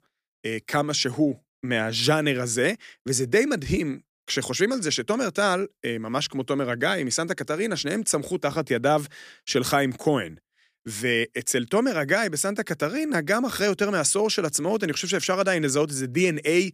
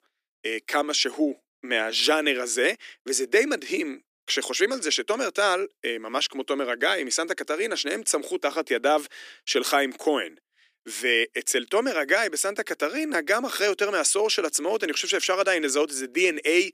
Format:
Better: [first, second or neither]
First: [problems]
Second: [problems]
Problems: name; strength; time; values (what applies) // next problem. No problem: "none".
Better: first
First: none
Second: thin; somewhat; fading below 300 Hz